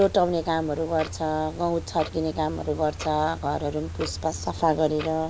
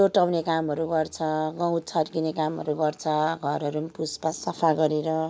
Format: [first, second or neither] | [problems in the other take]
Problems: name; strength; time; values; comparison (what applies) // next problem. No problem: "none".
second | background sound (Clock); 12 dB below the speech